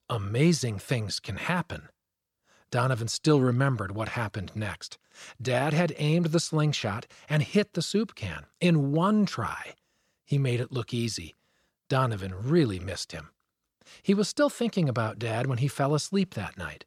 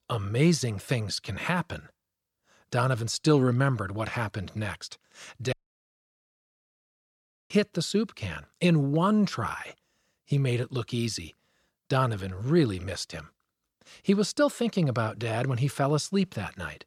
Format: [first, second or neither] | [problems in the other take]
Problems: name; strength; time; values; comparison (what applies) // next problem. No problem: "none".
first | audio cutting out; at 5.5 s for 2 s